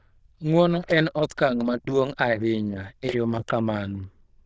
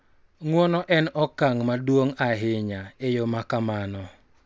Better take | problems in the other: second | noise reduction (neural diffusion model UNIVERSE++)

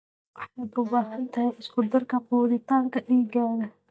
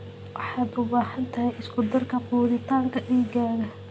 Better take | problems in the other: second | noise reduction (neural mask model DeepFilterNet 3)

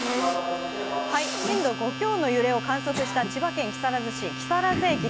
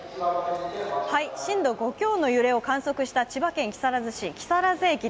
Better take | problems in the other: second | background sound (Cough + Domestic sounds, home sounds); 5 dB below the speech

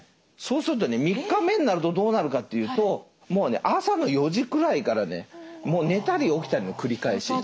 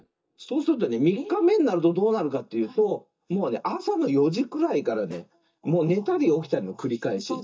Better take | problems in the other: first | noise reduction (neural mask model DeepFilterNet 3)

